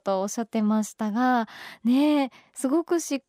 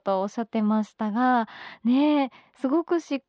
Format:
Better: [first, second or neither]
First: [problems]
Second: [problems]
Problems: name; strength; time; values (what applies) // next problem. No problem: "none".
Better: first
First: none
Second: muffled; slightly; fading above 4 kHz